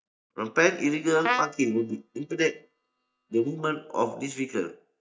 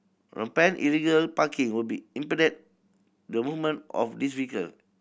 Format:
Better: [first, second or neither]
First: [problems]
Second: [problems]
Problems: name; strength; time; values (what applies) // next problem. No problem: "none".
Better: second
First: noise reduction (neural mask model DeepFilterNet 3)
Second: none